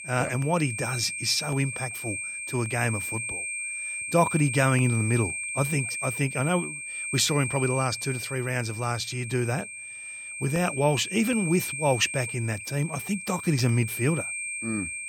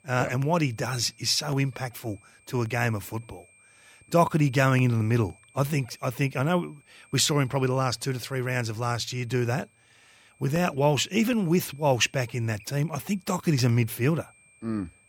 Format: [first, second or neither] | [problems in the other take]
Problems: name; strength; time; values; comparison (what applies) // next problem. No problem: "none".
second | high-pitched whine; loud; throughout; 2.5 kHz, 5 dB below the speech; faint in the second